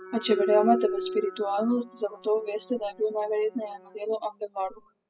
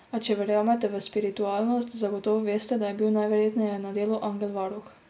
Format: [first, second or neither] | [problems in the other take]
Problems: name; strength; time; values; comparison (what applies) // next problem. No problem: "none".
second | noise reduction (classical method spectral subtraction)